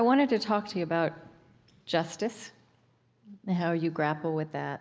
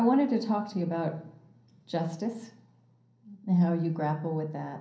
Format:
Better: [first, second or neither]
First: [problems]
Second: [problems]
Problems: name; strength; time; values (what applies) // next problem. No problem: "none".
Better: first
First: none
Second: room echo; dies away in 0.6 s